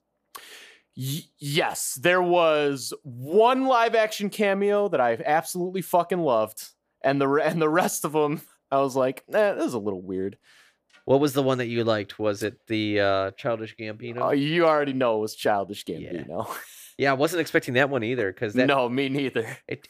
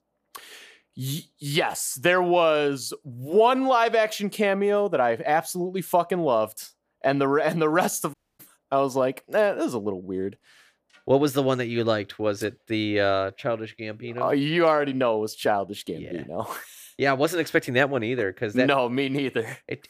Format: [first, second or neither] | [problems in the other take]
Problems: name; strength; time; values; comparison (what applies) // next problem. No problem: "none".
first | audio cutting out; at 8 s